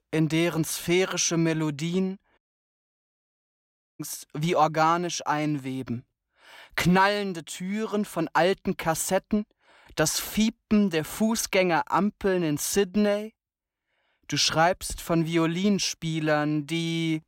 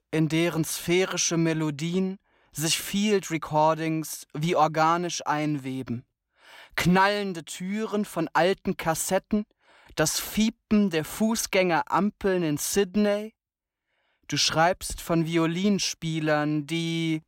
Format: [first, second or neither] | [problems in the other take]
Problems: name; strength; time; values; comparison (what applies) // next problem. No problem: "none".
second | audio cutting out; at 2.5 s for 1.5 s